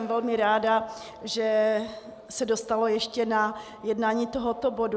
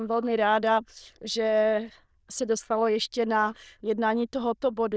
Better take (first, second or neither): first